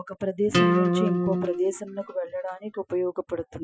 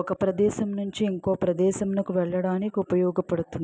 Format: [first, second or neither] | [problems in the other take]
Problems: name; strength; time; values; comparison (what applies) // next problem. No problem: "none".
second | noise reduction (classical method Wiener filter)